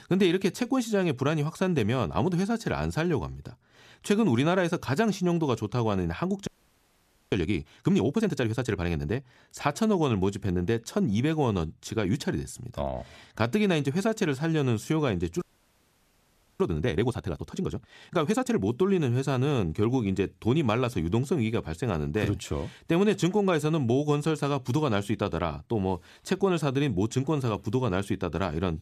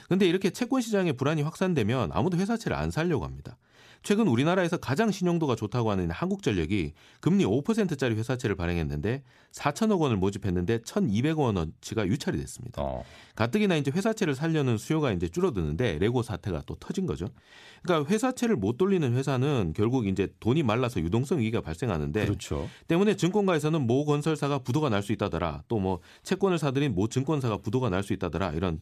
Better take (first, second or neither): second